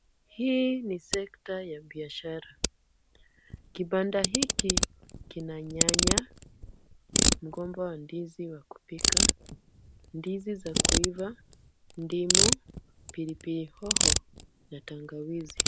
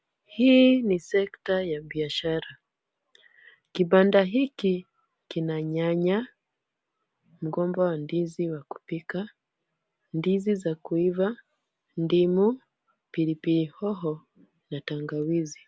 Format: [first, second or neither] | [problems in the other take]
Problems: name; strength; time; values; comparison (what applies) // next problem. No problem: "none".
second | background sound (Ratchet, pawl); 5 dB above the speech